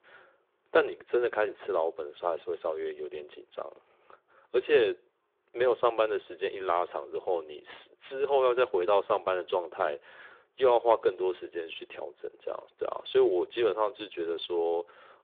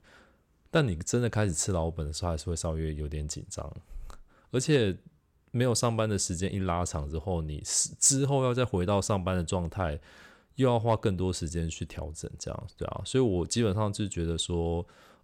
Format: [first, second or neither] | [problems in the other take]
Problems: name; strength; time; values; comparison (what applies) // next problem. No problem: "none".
second | phone-call audio